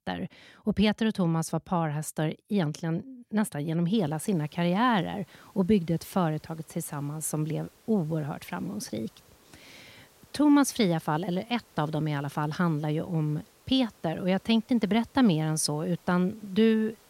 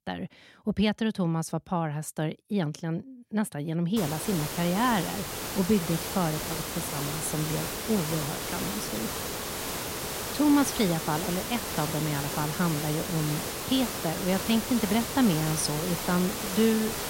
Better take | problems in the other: first | hiss; loud; from 4 s on; 3 dB below the speech; faint in the first

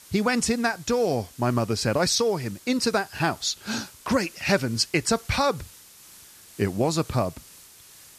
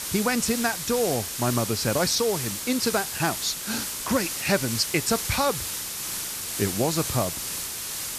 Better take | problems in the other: first | hiss; loud; throughout; 3 dB below the speech; faint in the first

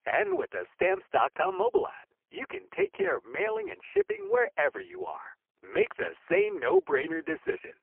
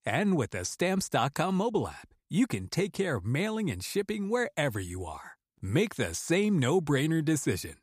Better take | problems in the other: second | phone-call audio; poor line

